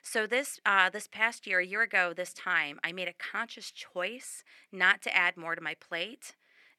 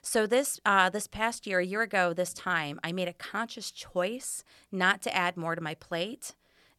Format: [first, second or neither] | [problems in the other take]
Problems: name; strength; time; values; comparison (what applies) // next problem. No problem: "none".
second | thin; somewhat; fading below 250 Hz